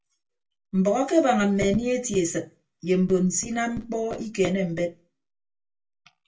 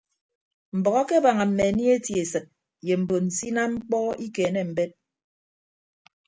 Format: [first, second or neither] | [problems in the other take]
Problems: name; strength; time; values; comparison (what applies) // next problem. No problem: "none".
second | room echo; dies away in 0.2 s